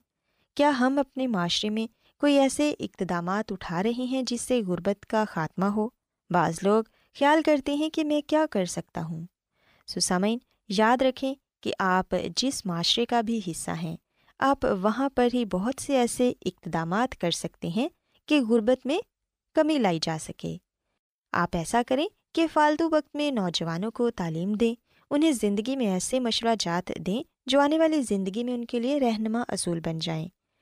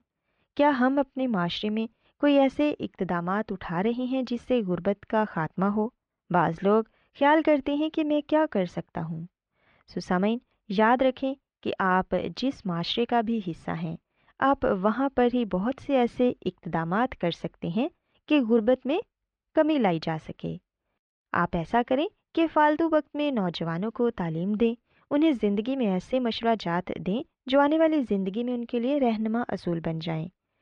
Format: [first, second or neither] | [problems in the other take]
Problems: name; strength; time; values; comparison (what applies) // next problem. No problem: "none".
first | muffled; slightly; fading above 3 kHz